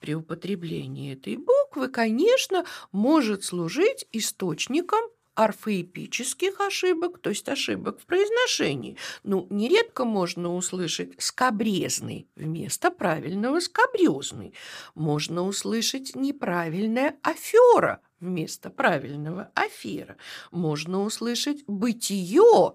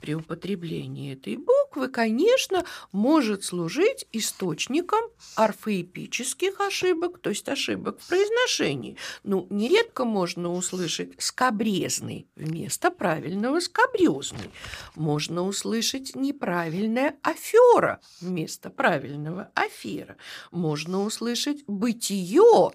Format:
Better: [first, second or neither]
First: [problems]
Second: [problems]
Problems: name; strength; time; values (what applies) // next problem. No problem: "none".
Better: first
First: none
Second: household noises; faint; throughout; 25 dB below the speech